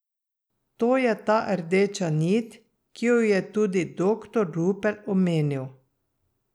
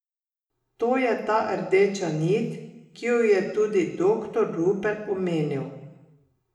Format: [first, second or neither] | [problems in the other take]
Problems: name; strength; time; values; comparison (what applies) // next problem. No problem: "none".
first | room echo; dies away in 1 s